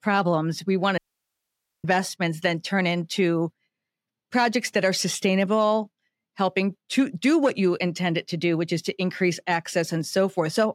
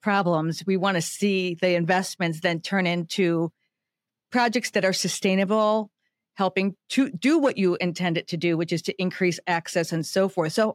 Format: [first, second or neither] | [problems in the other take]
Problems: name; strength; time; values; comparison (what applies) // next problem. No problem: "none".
second | audio cutting out; at 1 s for 1 s